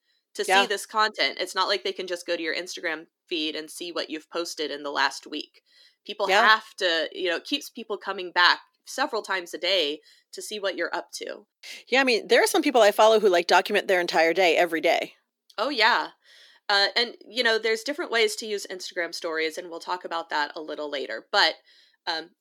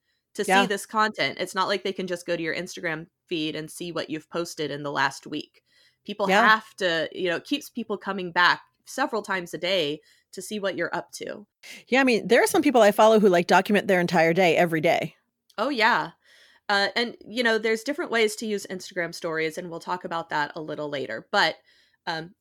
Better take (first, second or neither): second